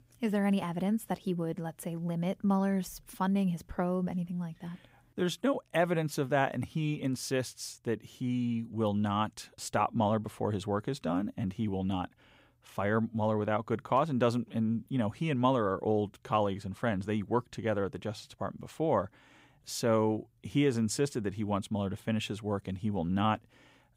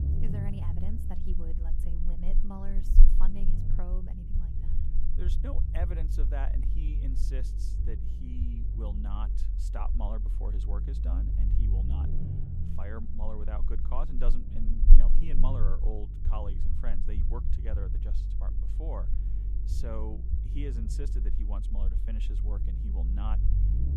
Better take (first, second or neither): first